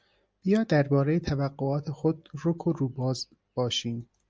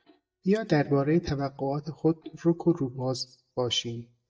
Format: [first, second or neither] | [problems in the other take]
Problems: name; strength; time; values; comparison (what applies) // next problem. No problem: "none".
first | noise reduction (neural mask model DeepFilterNet 3)